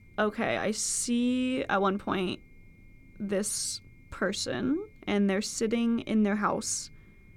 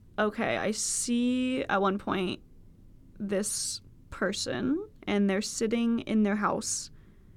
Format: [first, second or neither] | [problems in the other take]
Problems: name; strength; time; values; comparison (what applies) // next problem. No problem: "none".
second | high-pitched whine; faint; throughout; 2 kHz, 35 dB below the speech